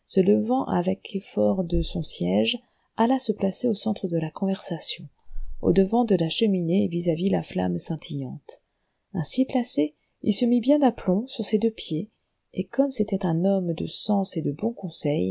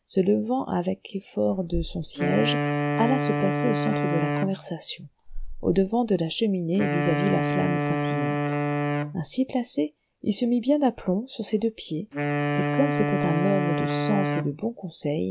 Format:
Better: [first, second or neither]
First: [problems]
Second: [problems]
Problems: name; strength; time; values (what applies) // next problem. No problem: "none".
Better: first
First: none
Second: background sound (Wind instrument, woodwind instrument); as loud as the speech